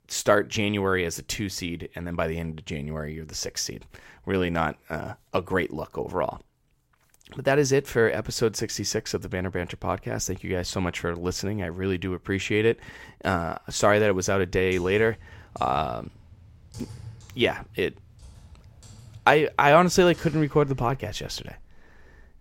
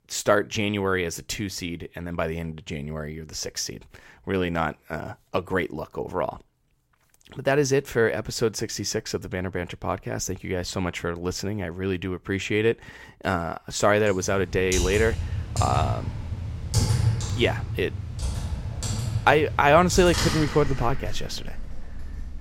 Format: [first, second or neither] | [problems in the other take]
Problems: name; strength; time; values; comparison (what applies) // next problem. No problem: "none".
first | household noises; loud; from 14 s on; 4 dB below the speech; faint in the first